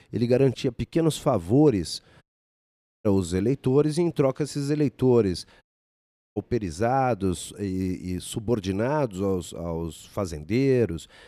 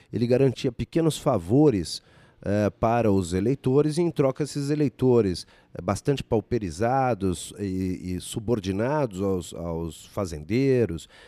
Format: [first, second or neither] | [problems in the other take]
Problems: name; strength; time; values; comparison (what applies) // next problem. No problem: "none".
second | audio cutting out; at 2 s for 1 s and at 5.5 s for 0.5 s